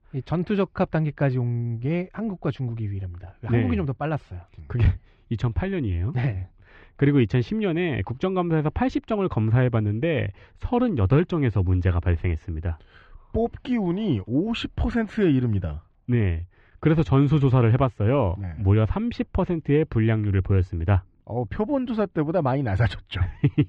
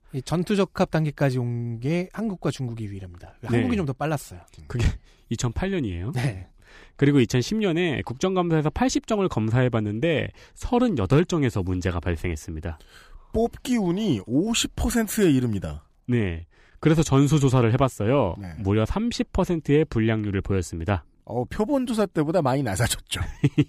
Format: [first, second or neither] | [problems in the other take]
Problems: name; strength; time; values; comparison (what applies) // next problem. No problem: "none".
second | muffled; very; fading above 3 kHz